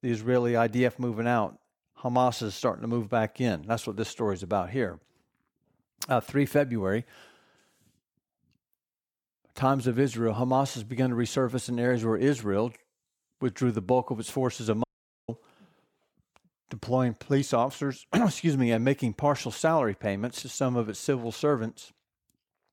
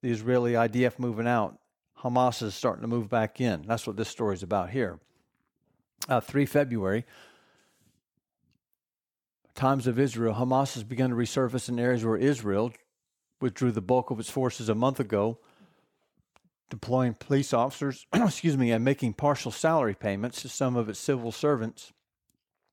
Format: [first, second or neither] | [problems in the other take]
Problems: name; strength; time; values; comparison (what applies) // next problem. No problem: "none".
second | audio cutting out; at 15 s